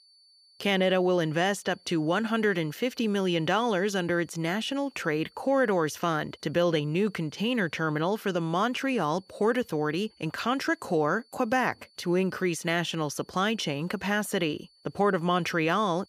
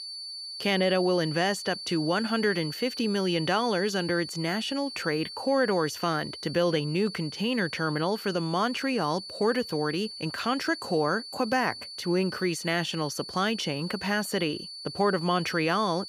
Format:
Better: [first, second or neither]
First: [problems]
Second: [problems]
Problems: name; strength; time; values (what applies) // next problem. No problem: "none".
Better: first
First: high-pitched whine; faint; throughout; 4.5 kHz, 30 dB below the speech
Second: high-pitched whine; loud; throughout; 4.5 kHz, 10 dB below the speech